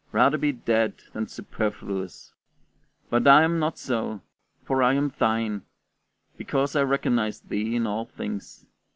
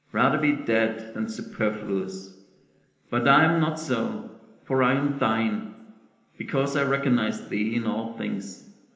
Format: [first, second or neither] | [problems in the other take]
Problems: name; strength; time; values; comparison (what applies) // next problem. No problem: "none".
first | room echo; dies away in 1 s